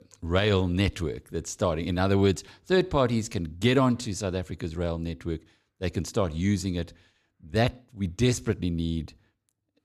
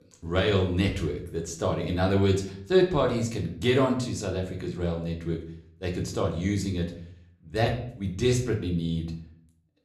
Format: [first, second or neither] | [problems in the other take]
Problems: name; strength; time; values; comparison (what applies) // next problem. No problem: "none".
first | room echo; slight; dies away in 0.5 s // off-mic speech; somewhat distant